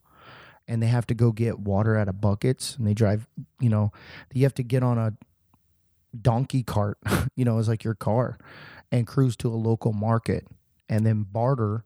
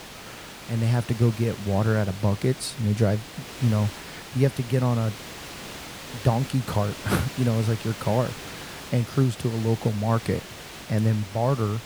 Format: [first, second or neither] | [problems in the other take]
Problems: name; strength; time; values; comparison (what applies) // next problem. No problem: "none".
first | hiss; noticeable; throughout; 15 dB below the speech